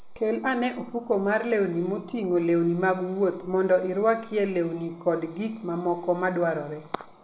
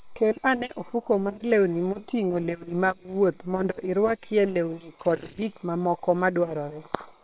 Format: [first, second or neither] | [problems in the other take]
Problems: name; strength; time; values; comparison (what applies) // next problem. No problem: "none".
first | noise reduction (neural separator model SepFormer WHAM!)